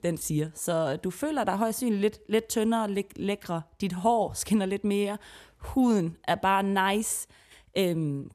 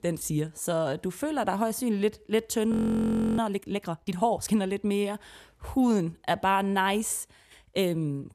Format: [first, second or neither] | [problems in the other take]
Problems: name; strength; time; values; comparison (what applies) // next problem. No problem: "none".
first | audio freezing; at 2.5 s for 0.5 s